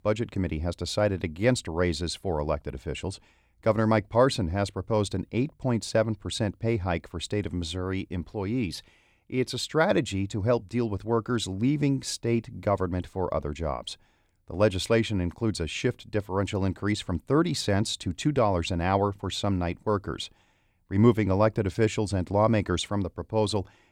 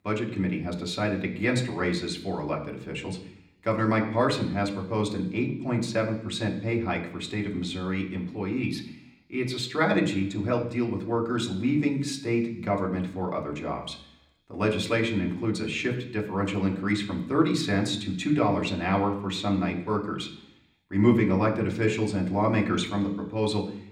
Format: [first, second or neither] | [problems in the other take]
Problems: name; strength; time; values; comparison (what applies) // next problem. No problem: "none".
first | room echo; slight; dies away in 0.8 s